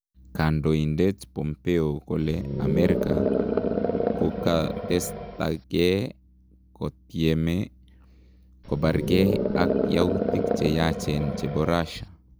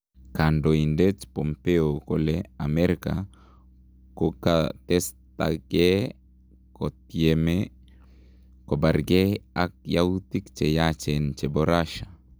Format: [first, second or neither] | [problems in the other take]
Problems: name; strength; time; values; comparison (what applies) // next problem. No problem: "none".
second | background sound (Animal); as loud as the speech